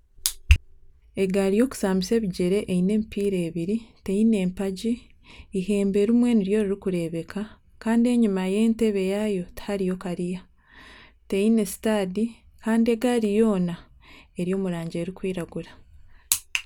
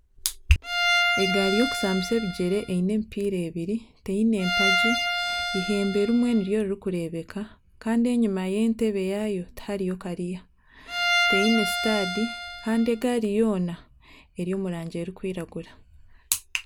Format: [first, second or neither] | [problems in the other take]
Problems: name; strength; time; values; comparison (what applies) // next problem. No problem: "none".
first | background sound (Bowed string instrument); 1 dB below the speech